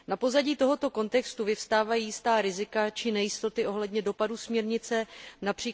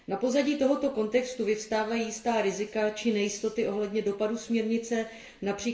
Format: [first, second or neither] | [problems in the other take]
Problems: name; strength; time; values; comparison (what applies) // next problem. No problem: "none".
first | room echo; dies away in 0.7 s